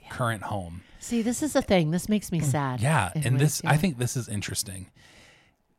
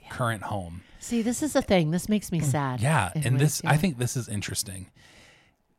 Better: neither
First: none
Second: none

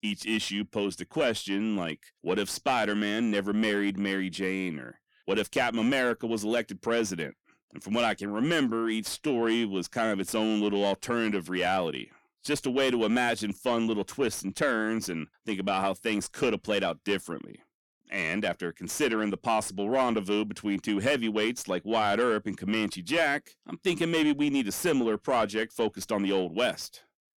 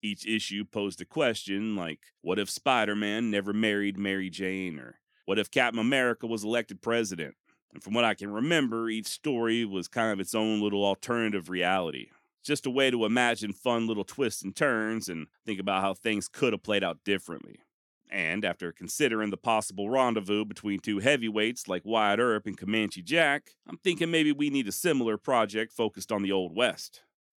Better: second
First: distortion; slight; 10 dB below the speech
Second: none

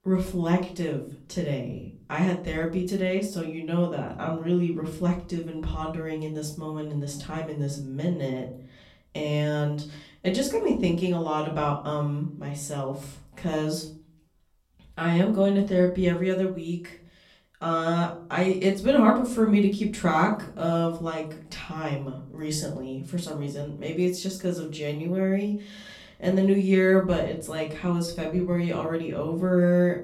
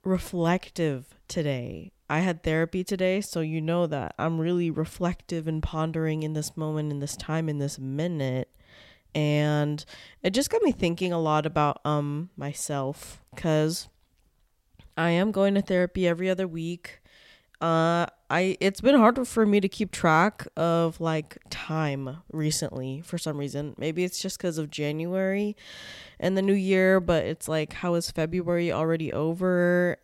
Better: second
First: room echo; slight; dies away in 0.4 s // off-mic speech; far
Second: none

